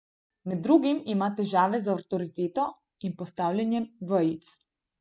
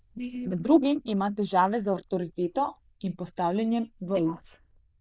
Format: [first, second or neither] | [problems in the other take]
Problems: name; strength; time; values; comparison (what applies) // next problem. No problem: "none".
first | noise reduction (neural diffusion model UNIVERSE++)